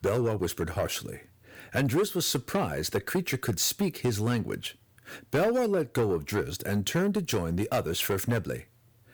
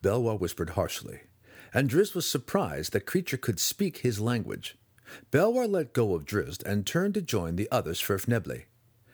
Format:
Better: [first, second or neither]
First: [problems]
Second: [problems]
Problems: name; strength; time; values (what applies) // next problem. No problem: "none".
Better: second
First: distortion; slight; 10 dB below the speech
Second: none